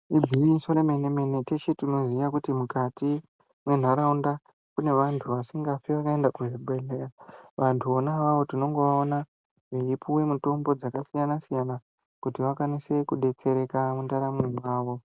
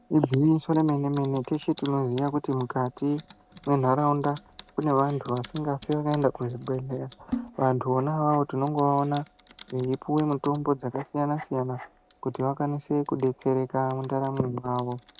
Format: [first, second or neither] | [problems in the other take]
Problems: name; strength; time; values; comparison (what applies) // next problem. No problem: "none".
first | background sound (Typing); 20 dB below the speech